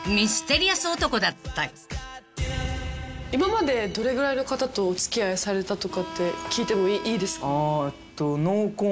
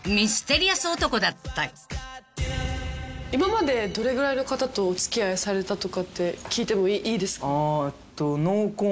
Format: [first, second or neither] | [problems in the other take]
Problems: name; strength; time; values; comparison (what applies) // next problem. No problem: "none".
second | background sound (Harmonica); 17 dB below the speech